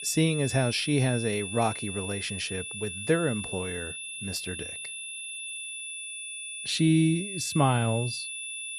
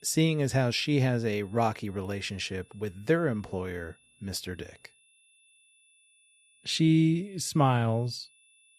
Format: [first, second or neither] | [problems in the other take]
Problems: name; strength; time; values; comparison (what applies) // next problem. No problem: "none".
second | high-pitched whine; loud; throughout; 2.5 kHz, 7 dB below the speech; faint in the second